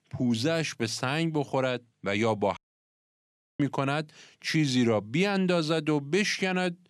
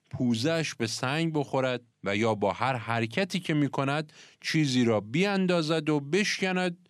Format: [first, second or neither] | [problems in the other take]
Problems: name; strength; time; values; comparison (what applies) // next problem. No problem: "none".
second | audio cutting out; at 2.5 s for 1 s